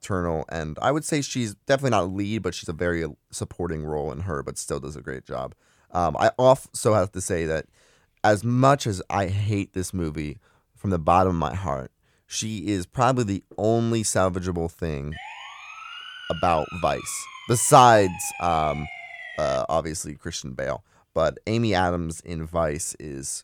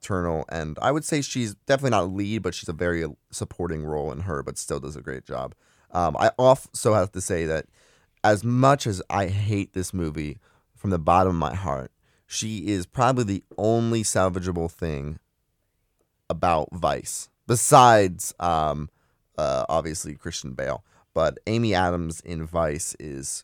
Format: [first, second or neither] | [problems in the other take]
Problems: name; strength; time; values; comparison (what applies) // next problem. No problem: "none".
second | siren; faint; from 15 to 20 s; peak 10 dB below the speech